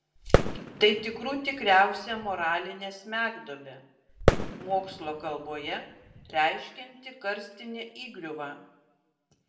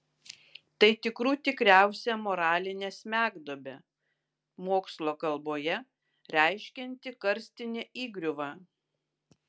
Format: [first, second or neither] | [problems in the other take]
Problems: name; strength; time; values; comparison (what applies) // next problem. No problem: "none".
second | background sound (Fireworks); 1 dB above the speech // room echo; dies away in 0.6 s